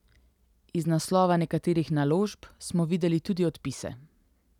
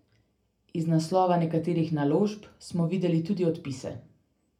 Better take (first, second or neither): first